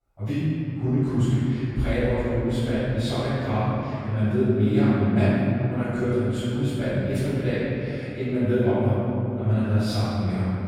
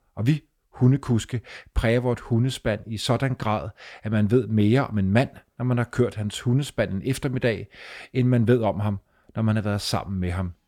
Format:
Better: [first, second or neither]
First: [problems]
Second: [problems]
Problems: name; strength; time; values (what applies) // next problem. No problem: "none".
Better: second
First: off-mic speech; far // room echo; strong; dies away in 3 s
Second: none